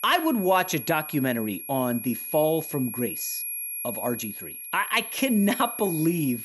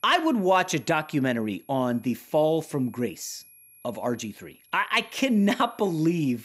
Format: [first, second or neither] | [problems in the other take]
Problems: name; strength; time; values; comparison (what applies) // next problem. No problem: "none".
second | high-pitched whine; loud; throughout; 11.5 kHz, 7 dB below the speech; faint in the second